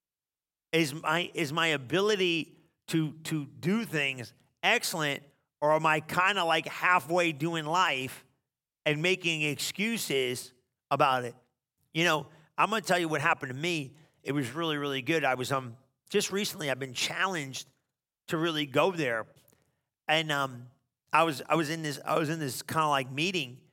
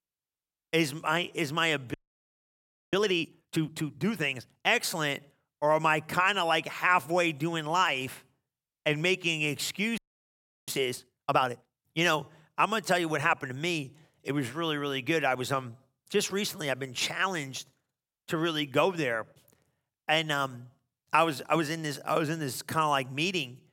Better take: first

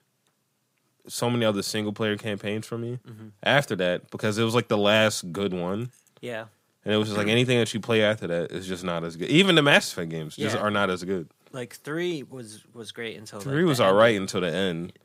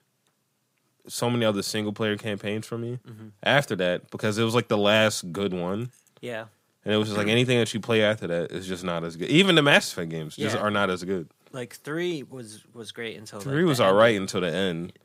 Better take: neither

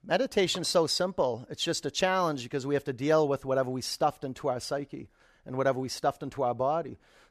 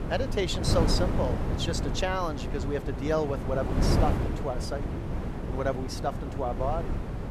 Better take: first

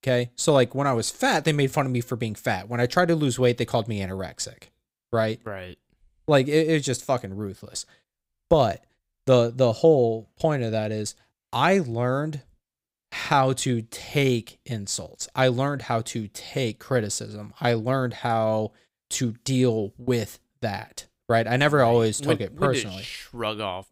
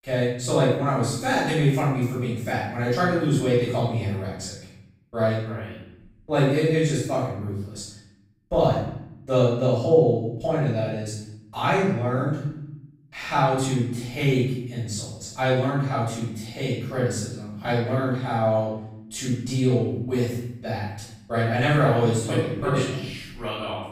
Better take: first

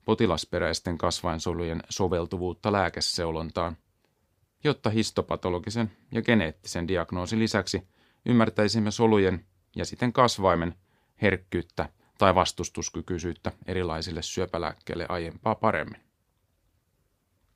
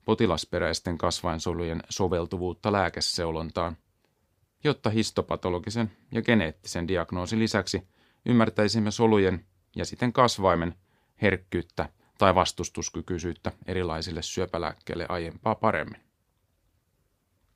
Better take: neither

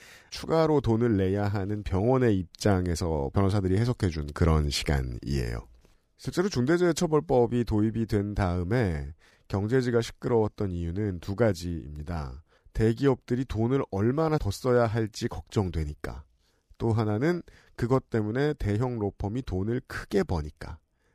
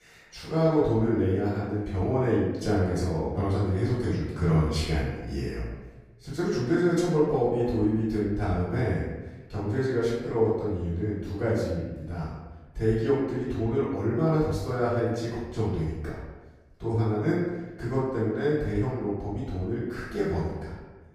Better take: first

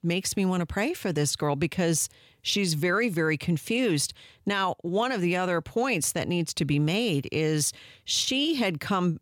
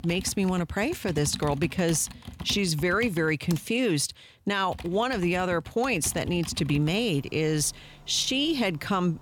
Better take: first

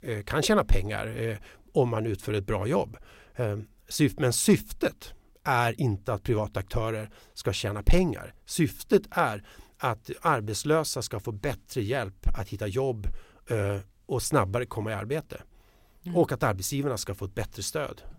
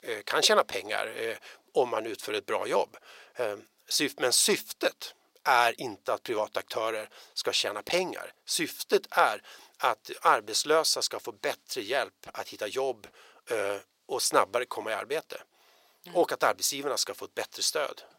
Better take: first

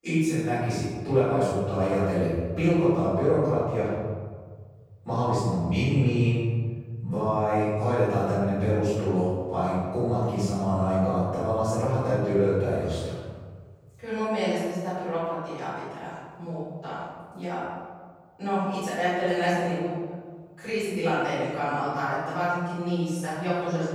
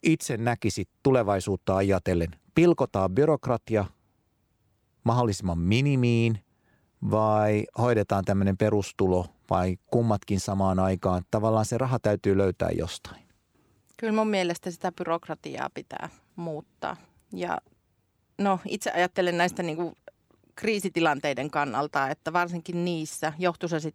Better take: second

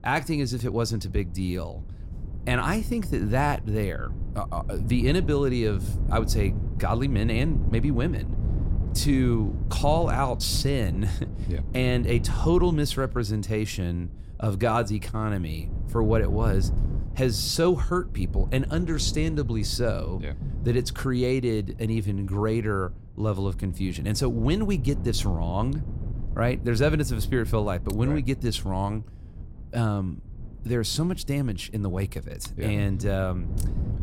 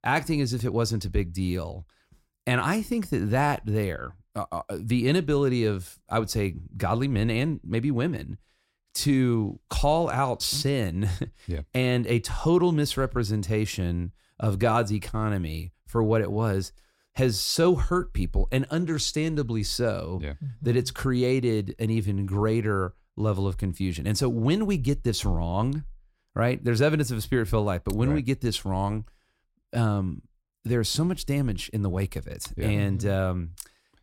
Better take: second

